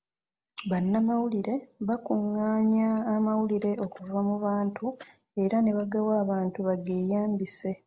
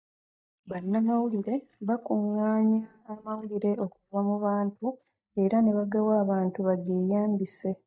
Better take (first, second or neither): first